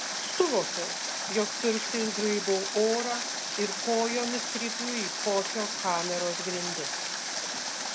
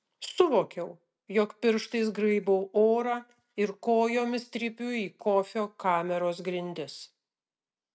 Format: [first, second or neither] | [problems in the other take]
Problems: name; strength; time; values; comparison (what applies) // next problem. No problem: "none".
second | background sound (Water); 2 dB below the speech